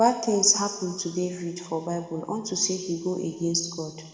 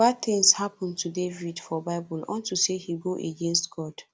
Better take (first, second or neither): second